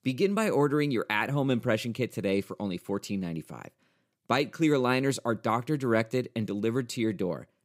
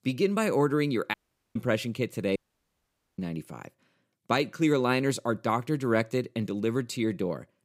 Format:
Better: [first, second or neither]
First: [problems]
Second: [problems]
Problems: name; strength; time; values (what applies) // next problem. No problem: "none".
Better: first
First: none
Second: audio cutting out; at 1 s and at 2.5 s for 1 s